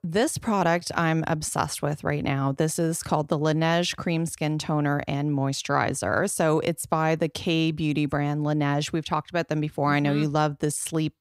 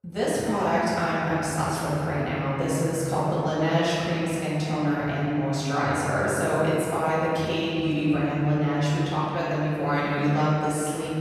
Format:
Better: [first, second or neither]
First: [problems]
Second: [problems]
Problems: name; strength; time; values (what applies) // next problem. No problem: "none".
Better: first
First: none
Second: off-mic speech; far // room echo; strong; dies away in 3 s